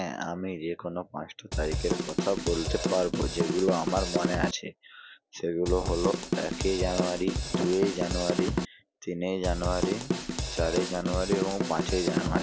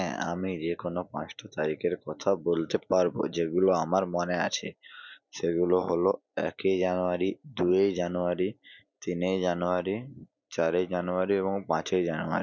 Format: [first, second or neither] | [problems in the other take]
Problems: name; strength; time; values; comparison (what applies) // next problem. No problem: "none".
second | background sound (Drum / Drum kit); as loud as the speech